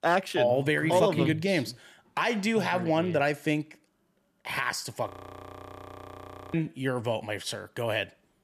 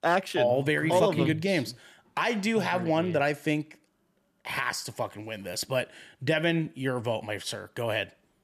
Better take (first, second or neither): second